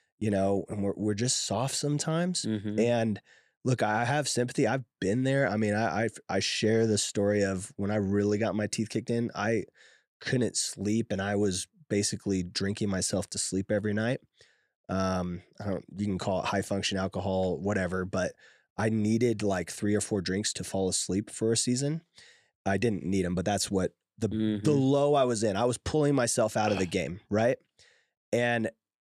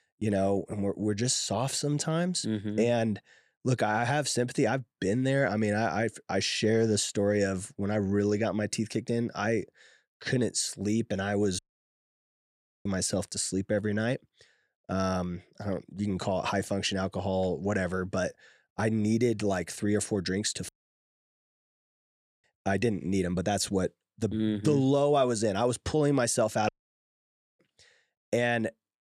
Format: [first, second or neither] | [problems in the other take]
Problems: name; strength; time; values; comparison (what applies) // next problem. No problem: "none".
first | audio cutting out; at 12 s for 1.5 s, at 21 s for 2 s and at 27 s for 1 s